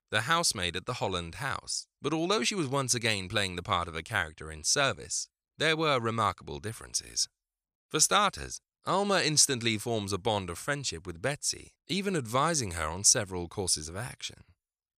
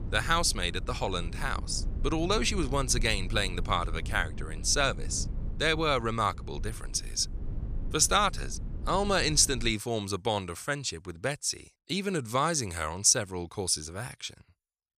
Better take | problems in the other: first | low rumble; faint; until 9.5 s; 25 dB below the speech

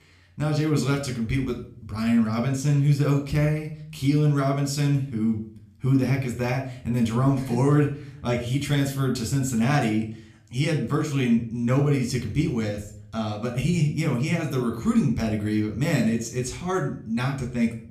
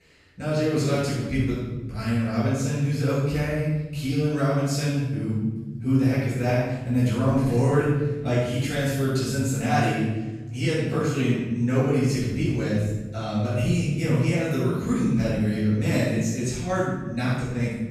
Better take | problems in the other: first | room echo; strong; dies away in 1.4 s; slight in the first // off-mic speech; far; somewhat distant in the first

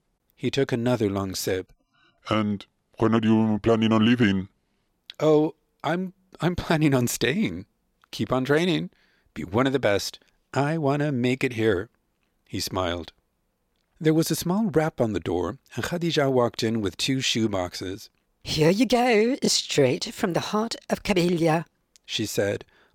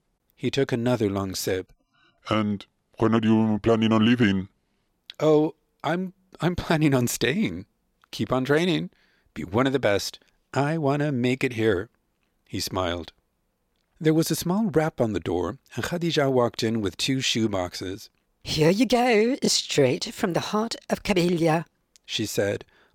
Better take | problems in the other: neither | none

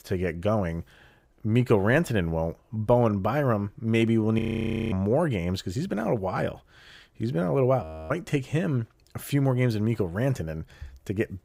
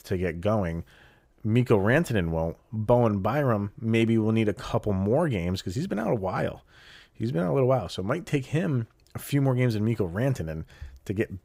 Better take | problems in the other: second | audio freezing; at 4.5 s for 0.5 s and at 8 s

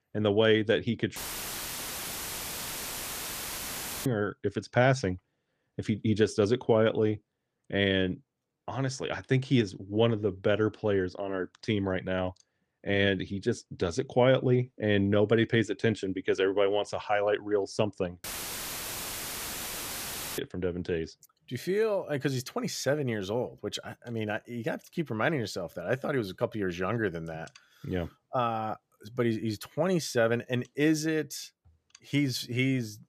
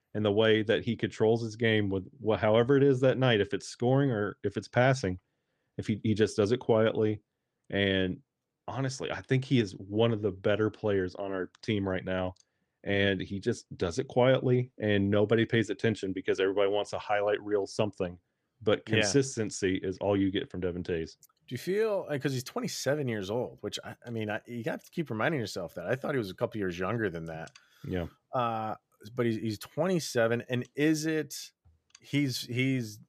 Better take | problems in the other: second | audio cutting out; filled with static; at 1 s for 3 s and at 18 s for 2 s

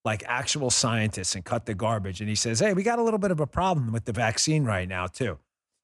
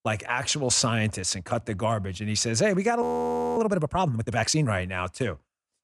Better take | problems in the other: first | audio freezing; at 3 s for 0.5 s

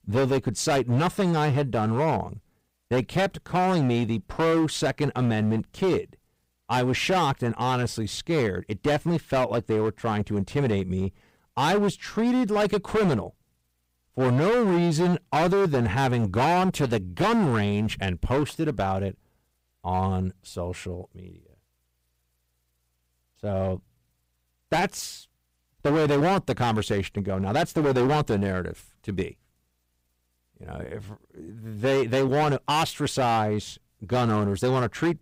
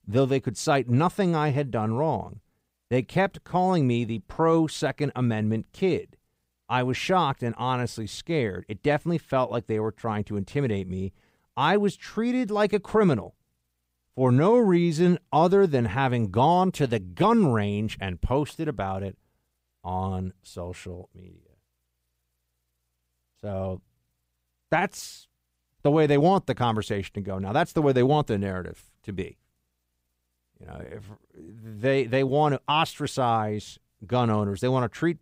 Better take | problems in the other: second | distortion; heavy; 13% of the sound clipped

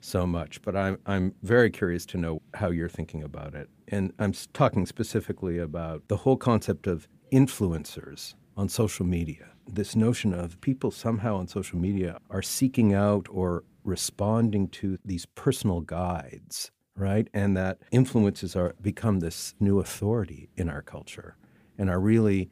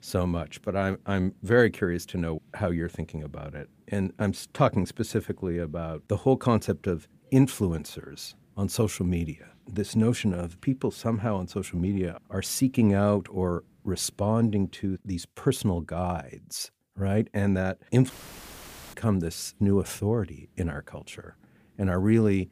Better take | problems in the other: first | audio cutting out; filled with static; at 18 s for 1 s

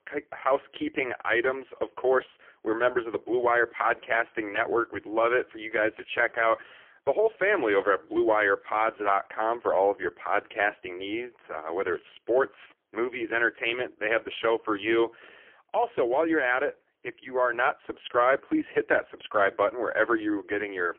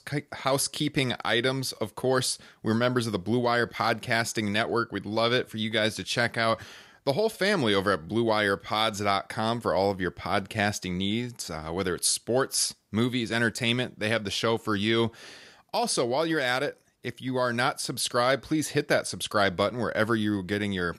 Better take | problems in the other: second | phone-call audio; poor line; nothing above 3.5 kHz

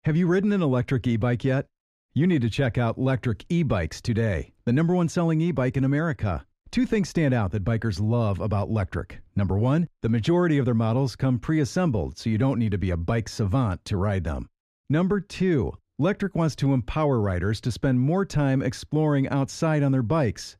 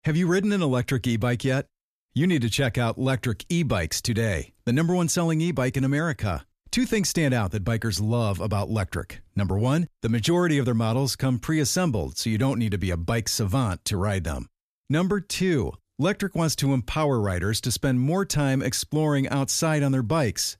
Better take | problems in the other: second | muffled; slightly; fading above 1.5 kHz

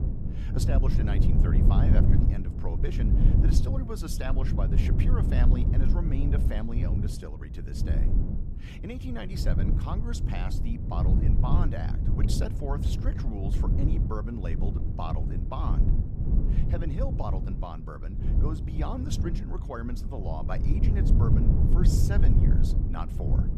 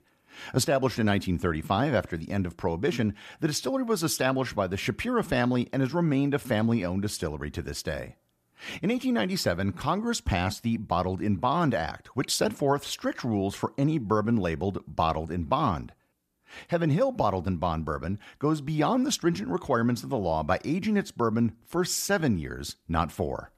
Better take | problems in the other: second | low rumble; loud; throughout; 1 dB below the speech

